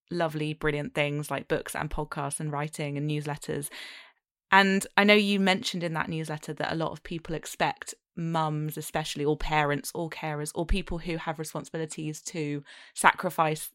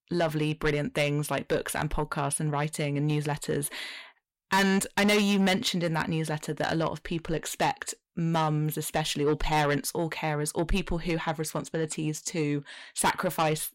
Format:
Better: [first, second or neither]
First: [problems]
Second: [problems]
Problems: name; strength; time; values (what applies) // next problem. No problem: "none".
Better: first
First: none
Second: distortion; heavy; 6 dB below the speech